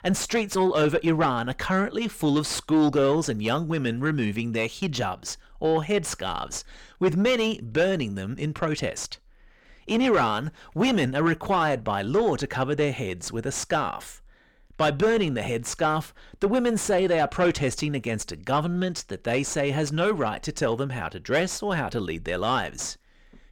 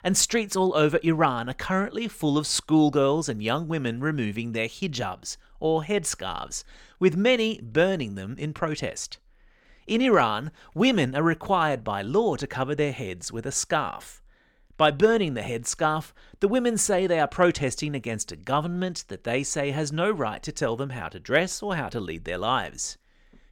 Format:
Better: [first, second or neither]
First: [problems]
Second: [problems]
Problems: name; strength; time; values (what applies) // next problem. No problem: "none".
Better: second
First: distortion; slight; 9 dB below the speech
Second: none